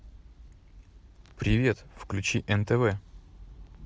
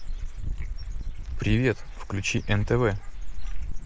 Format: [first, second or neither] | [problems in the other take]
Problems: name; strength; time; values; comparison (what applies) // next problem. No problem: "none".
first | background sound (Chewing, mastication + Bird / Dog); as loud as the speech